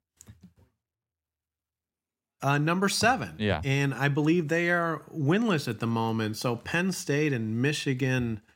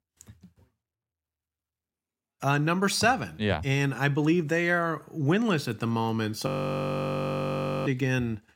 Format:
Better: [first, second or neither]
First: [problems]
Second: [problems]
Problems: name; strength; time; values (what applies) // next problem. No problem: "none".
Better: first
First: none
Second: audio freezing; at 6.5 s for 1.5 s